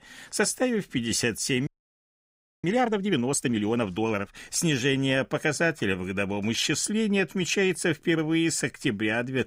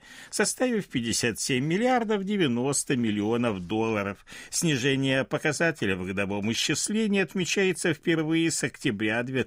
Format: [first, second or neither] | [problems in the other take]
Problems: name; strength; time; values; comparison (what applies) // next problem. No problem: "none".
second | audio freezing; at 1.5 s for 1 s